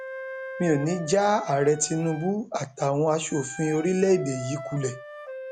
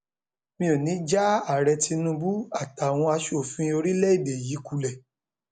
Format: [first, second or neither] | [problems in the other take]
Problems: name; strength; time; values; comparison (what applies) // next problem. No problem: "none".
second | background sound (Wind instrument, woodwind instrument); 13 dB below the speech